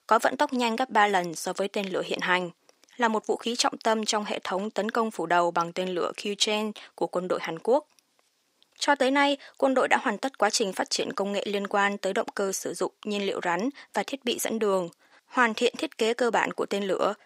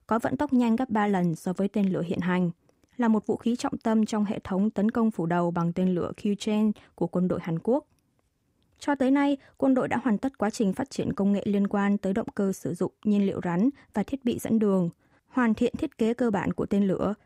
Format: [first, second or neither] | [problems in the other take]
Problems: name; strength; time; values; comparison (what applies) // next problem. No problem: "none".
second | thin; somewhat; fading below 500 Hz